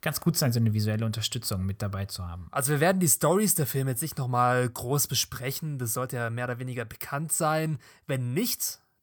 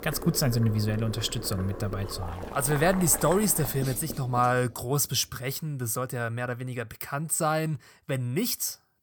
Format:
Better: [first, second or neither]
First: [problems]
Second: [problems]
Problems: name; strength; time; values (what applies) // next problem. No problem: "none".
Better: first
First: none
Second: household noises; noticeable; until 4 s; 10 dB below the speech